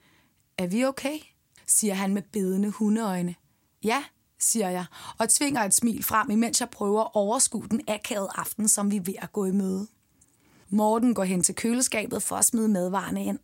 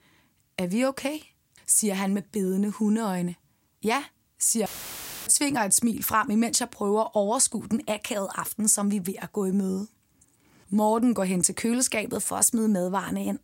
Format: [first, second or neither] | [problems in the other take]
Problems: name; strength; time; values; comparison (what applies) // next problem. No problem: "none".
first | audio cutting out; filled with static; at 4.5 s for 0.5 s